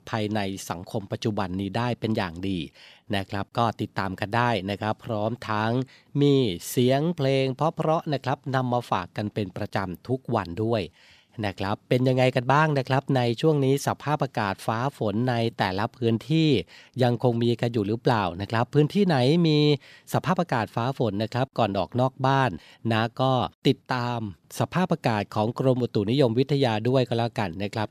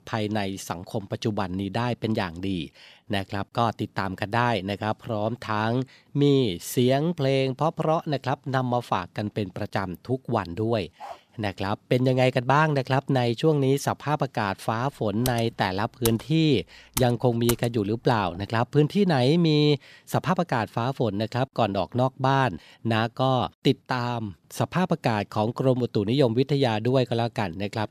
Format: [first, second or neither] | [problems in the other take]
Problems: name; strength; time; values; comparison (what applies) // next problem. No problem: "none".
first | dog barking; faint; at 11 s; peak 15 dB below the speech // keyboard typing; noticeable; from 15 to 18 s; peak 7 dB below the speech